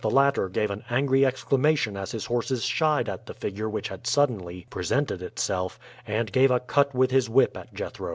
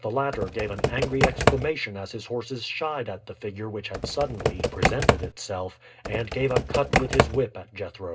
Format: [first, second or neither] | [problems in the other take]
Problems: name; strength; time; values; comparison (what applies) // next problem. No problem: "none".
first | background sound (Computer keyboard); 4 dB above the speech // room echo; dies away in 0.2 s